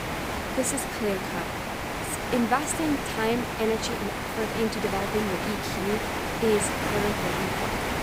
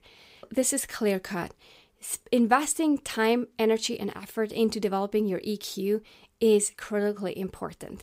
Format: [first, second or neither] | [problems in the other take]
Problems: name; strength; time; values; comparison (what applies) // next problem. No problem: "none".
second | hiss; loud; throughout; as loud as the speech